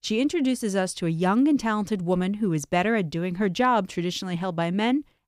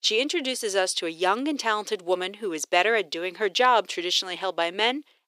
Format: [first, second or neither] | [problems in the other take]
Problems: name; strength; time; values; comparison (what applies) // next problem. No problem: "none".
first | thin; very; fading below 400 Hz